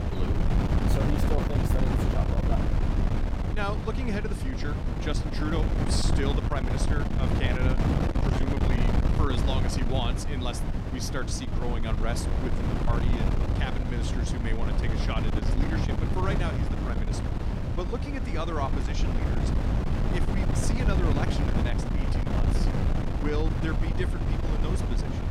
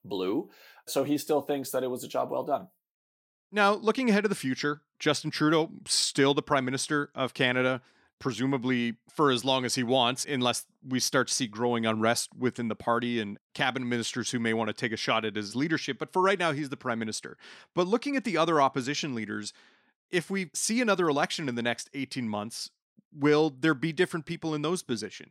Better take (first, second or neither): second